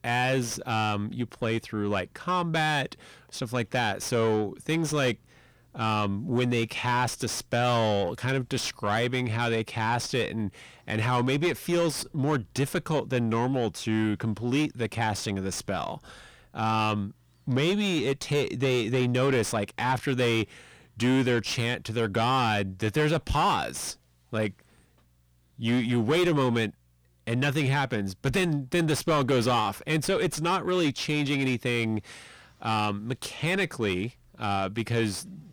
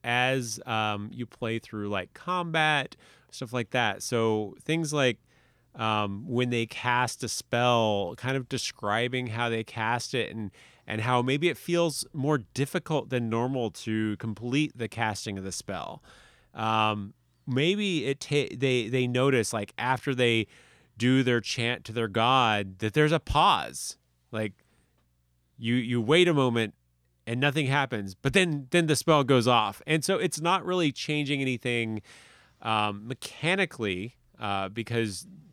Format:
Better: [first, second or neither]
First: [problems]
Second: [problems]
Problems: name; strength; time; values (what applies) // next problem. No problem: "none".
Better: second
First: distortion; heavy; 7 dB below the speech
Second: none